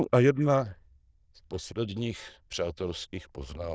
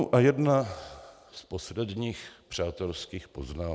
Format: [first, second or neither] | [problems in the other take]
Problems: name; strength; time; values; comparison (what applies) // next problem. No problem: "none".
second | noise reduction (neural diffusion model UNIVERSE++)